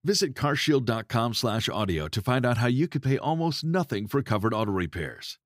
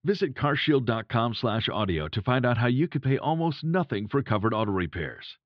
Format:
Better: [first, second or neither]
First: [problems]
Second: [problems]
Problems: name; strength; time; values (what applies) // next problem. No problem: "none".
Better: first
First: none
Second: muffled; slightly; fading above 3.5 kHz